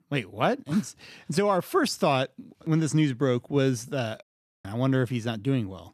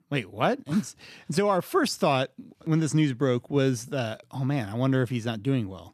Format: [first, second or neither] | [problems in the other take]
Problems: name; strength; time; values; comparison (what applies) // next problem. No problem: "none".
second | audio cutting out; at 4 s